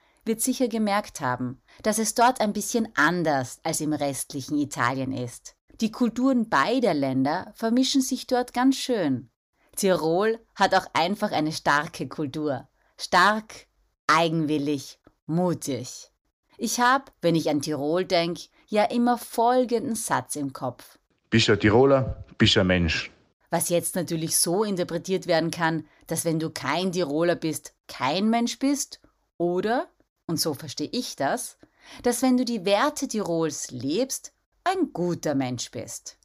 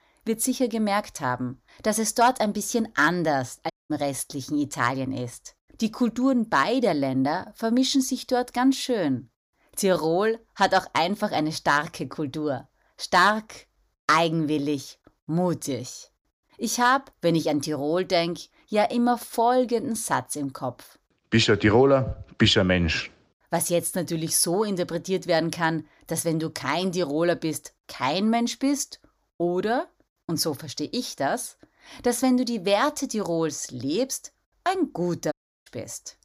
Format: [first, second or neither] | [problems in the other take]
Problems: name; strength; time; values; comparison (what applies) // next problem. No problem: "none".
first | audio cutting out; at 3.5 s and at 35 s